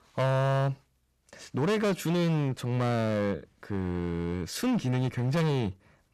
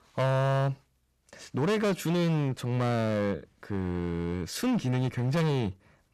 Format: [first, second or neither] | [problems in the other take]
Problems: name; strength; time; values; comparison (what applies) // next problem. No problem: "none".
neither | distortion; heavy; 17% of the sound clipped; the same in both